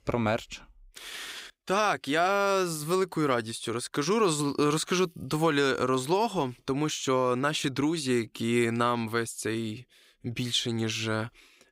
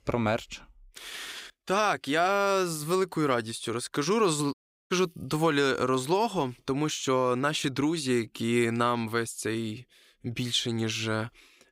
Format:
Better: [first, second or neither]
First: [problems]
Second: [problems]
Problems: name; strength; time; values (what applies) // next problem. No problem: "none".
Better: first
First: none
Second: audio cutting out; at 4.5 s